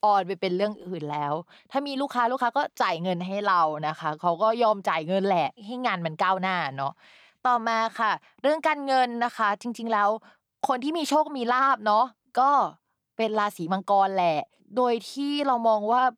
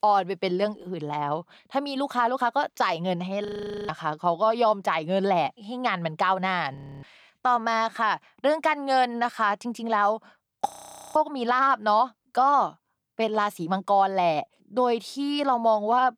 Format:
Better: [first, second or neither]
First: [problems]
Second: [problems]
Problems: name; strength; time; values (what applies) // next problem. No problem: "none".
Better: first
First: none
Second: audio freezing; at 3.5 s, at 7 s and at 11 s